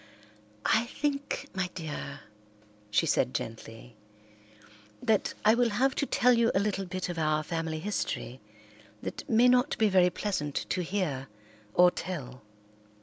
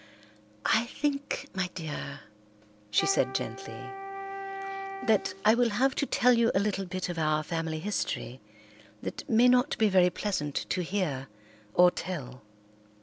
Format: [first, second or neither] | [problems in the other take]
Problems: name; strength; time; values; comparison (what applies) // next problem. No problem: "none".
first | background sound (Wind instrument, woodwind instrument); 9 dB below the speech